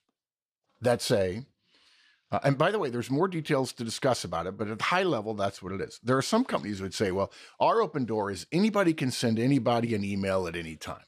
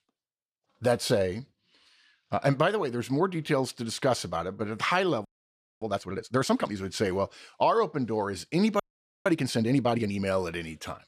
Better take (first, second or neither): first